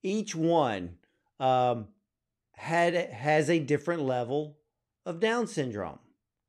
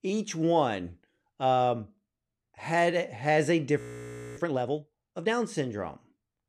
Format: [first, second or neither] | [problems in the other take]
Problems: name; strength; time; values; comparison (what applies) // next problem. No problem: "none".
first | audio freezing; at 4 s for 0.5 s